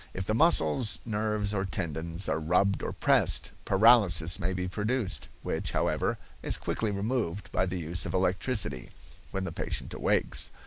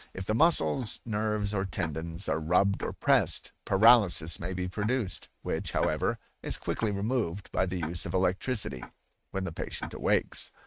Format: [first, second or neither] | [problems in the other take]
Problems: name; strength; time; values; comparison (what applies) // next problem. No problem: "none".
first | noise reduction (neural mask model RNNoise)